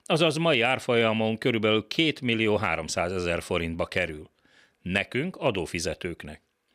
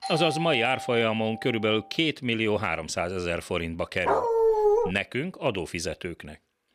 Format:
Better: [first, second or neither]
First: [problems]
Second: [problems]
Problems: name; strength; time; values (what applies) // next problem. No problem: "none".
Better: first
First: none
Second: doorbell; noticeable; until 2 s; peak 5 dB below the speech // dog barking; loud; at 4 s; peak 6 dB above the speech